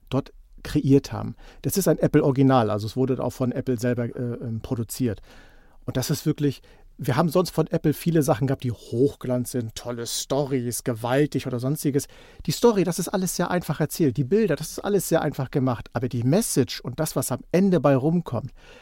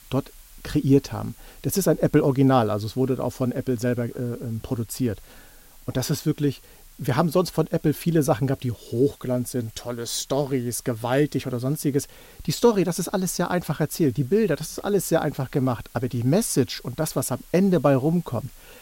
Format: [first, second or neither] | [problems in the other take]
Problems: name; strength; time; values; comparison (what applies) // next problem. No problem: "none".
first | hiss; faint; throughout; 25 dB below the speech